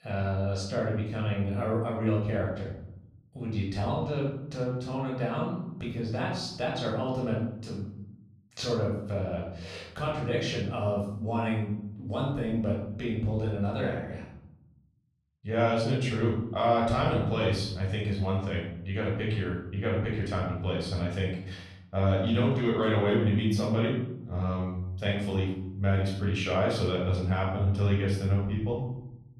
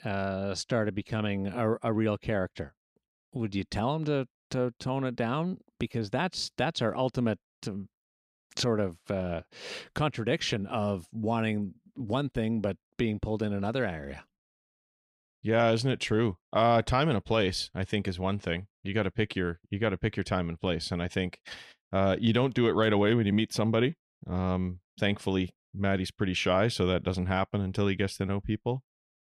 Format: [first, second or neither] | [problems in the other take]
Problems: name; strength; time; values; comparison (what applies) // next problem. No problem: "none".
second | off-mic speech; far // room echo; noticeable; dies away in 0.8 s